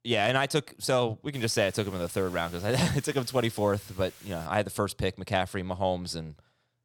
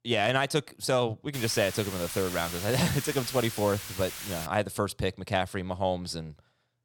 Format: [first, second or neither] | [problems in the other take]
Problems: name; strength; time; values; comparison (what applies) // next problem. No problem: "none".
first | hiss; loud; from 1.5 to 4.5 s; 8 dB below the speech; faint in the first